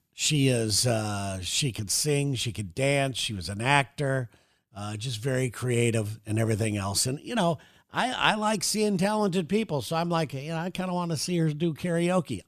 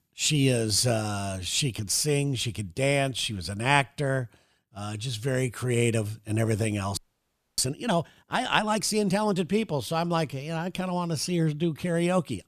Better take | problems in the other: first | audio freezing; at 7 s for 0.5 s

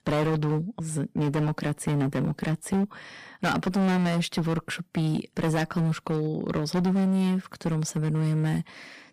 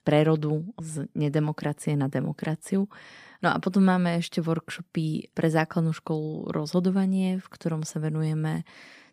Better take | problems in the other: second | distortion; heavy; 18% of the sound clipped

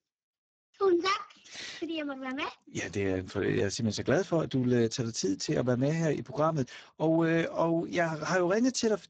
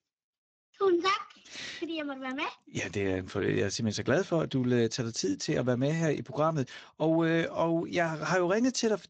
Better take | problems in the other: second | garbled, watery; badly; slightly in the second

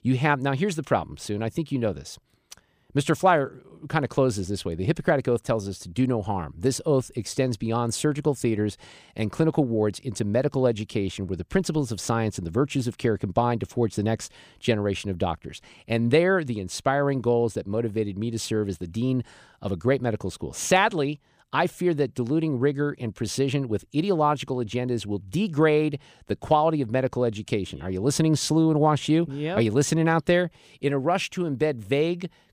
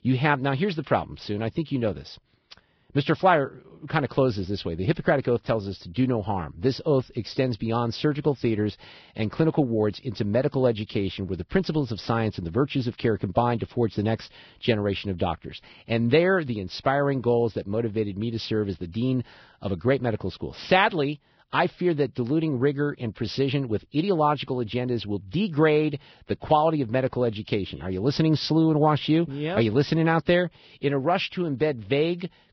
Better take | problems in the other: first | garbled, watery; badly; nothing above 5.5 kHz

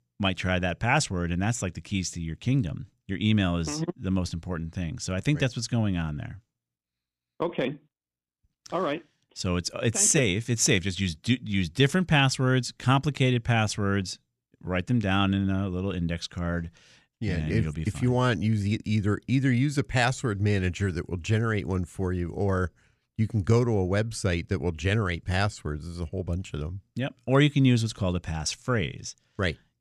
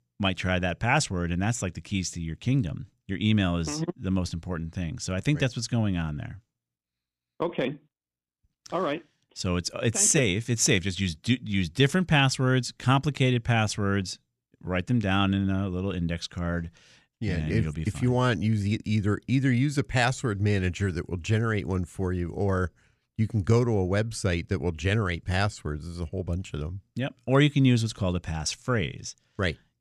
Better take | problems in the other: neither | none

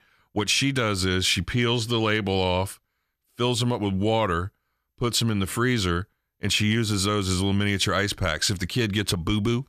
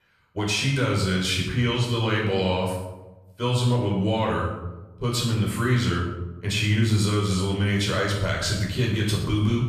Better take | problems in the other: first | off-mic speech; far // room echo; noticeable; dies away in 0.9 s

